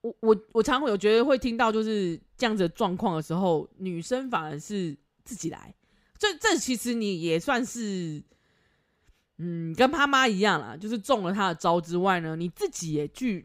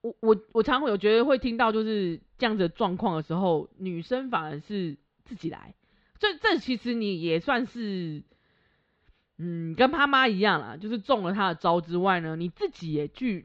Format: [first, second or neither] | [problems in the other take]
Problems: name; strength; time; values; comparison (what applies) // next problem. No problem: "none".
first | muffled; very slightly; fading above 4 kHz